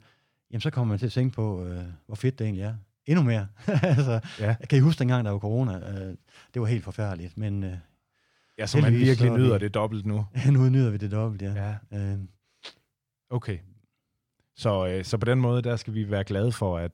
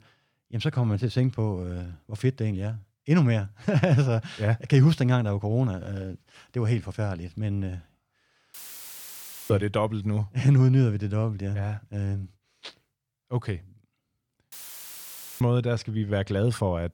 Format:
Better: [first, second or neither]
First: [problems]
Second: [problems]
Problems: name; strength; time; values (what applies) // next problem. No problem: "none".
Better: first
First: none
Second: audio cutting out; filled with static; at 8.5 s for 1 s and at 15 s for 1 s